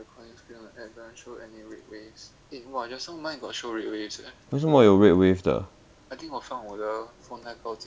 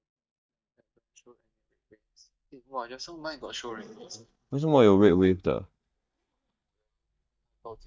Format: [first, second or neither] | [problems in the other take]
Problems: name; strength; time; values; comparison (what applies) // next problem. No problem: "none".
first | noise reduction (neural mask model DeepFilterNet 3)